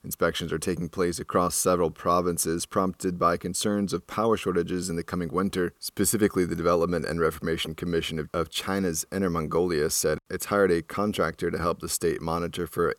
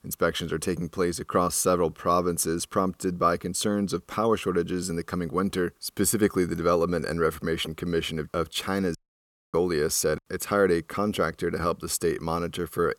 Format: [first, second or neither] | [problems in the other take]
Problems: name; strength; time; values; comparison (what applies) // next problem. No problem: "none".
first | audio cutting out; at 9 s for 0.5 s